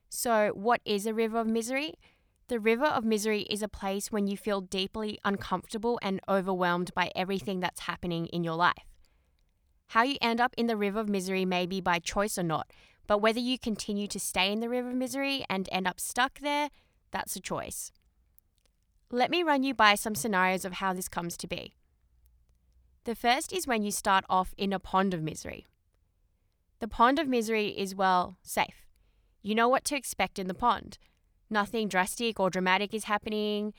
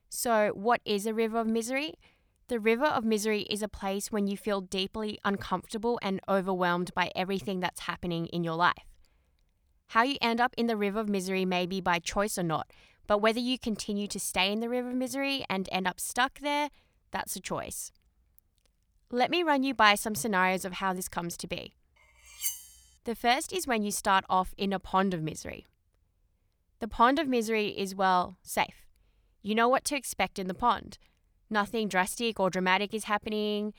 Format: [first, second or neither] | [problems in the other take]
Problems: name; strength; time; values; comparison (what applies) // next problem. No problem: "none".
first | clattering dishes; noticeable; at 22 s; peak 4 dB below the speech